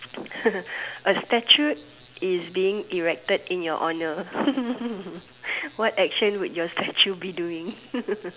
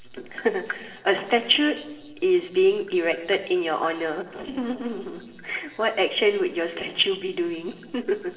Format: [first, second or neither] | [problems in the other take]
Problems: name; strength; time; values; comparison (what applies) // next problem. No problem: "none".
first | noise reduction (neural separator model SepFormer DNS4)